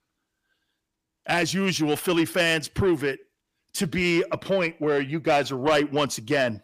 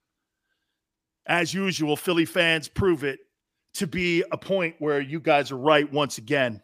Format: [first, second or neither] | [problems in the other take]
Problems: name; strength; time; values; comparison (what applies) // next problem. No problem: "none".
second | distortion; slight; 10 dB below the speech